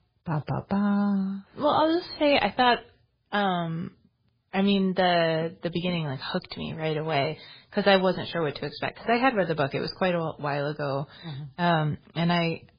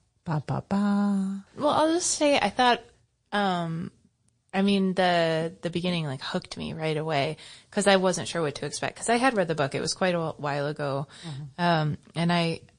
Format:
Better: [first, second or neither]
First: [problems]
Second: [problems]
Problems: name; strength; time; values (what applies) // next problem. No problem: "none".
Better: second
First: garbled, watery; badly; nothing above 4 kHz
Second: garbled, watery; slightly; nothing above 9 kHz